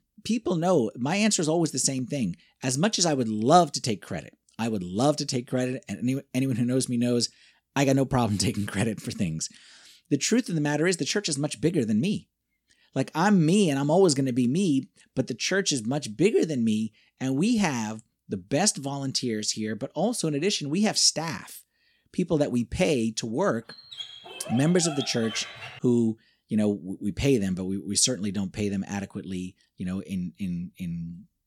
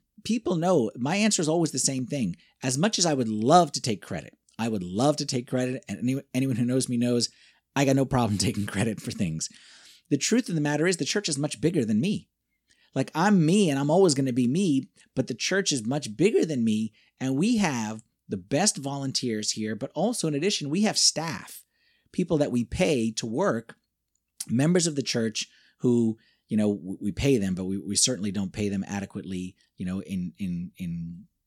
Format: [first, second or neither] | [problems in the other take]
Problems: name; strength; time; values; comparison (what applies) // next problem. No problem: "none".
second | dog barking; noticeable; from 24 to 26 s; peak 9 dB below the speech